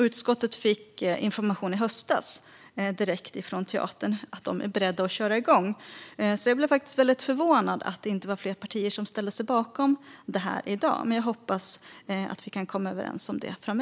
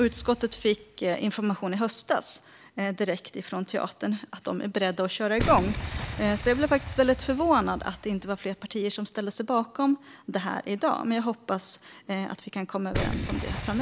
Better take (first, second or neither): first